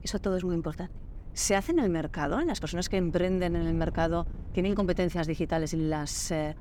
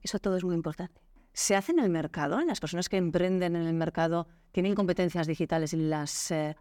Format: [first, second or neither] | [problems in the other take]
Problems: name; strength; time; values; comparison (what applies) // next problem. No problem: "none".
second | wind noise on the microphone; occasional gusts; 25 dB below the speech